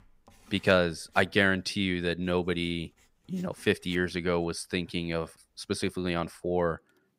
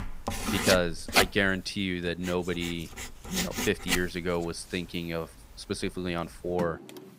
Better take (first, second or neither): first